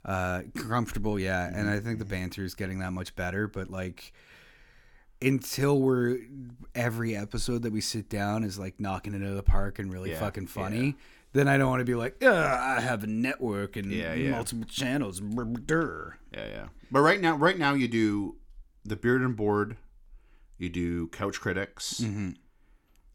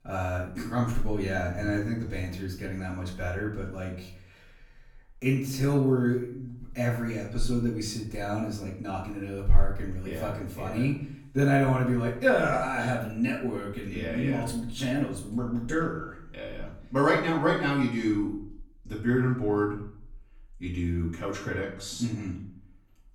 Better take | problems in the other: first | off-mic speech; far // room echo; noticeable; dies away in 0.5 s

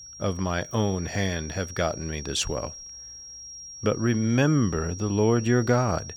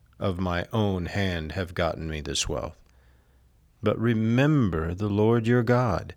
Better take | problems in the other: second | high-pitched whine; noticeable; throughout; 5.5 kHz, 15 dB below the speech

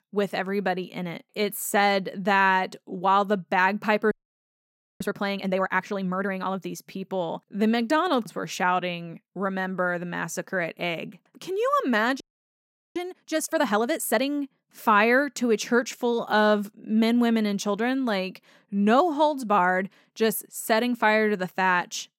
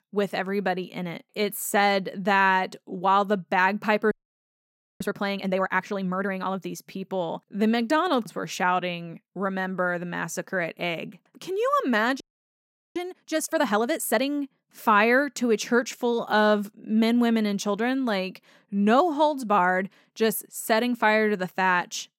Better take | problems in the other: neither | audio freezing; at 4 s for 1 s and at 12 s for 1 s; the same in both

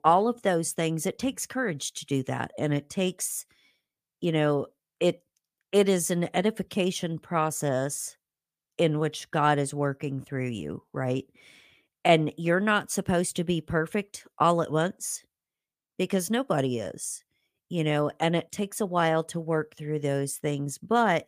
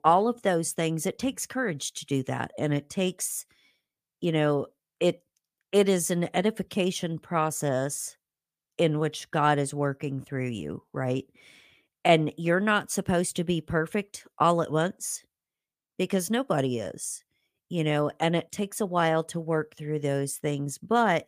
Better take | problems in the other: neither | none

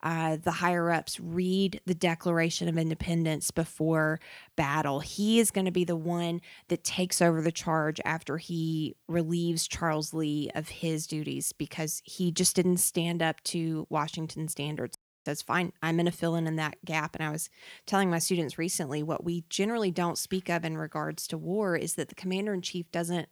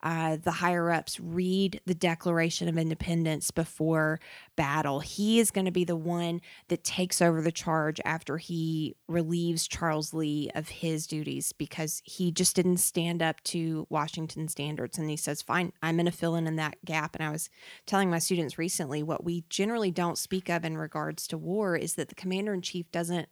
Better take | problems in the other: second | audio cutting out; at 15 s

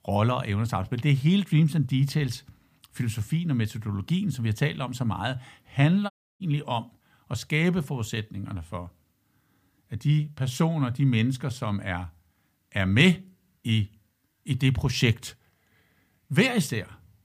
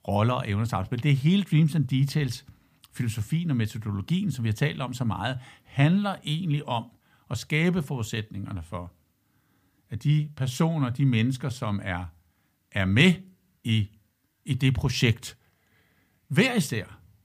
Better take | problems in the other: second | audio cutting out; at 6 s

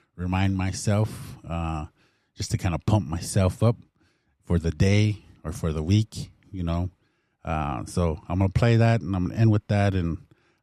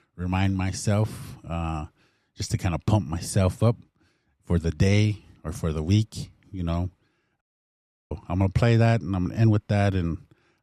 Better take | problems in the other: first | audio cutting out; at 7.5 s for 0.5 s

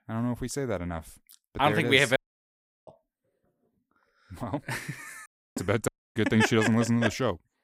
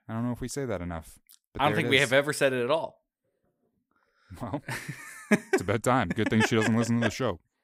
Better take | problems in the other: second | audio cutting out; at 2 s for 0.5 s, at 5.5 s and at 6 s

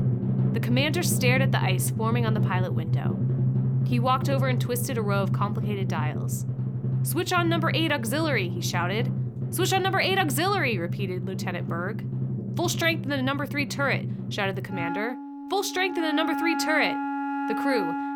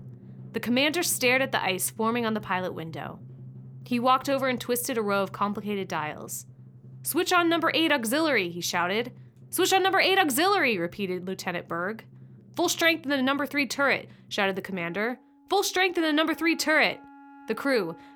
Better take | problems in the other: second | background music; loud; throughout; 1 dB below the speech; faint in the second

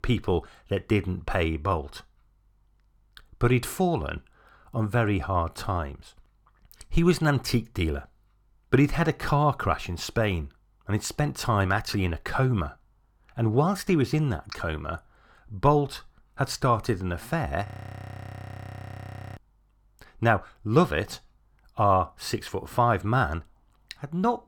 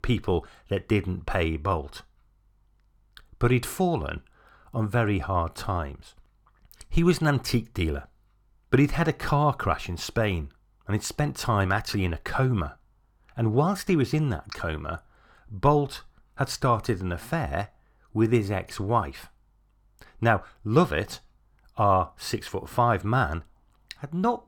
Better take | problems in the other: second | audio freezing; at 18 s for 1.5 s

